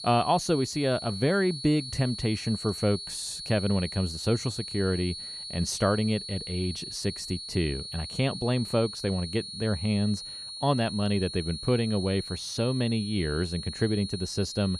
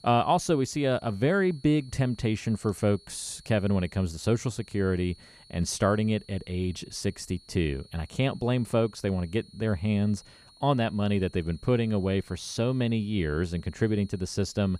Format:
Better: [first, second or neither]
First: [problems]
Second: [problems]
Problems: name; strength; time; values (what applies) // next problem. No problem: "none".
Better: second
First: high-pitched whine; loud; throughout; 4.5 kHz, 8 dB below the speech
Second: high-pitched whine; faint; throughout; 4.5 kHz, 25 dB below the speech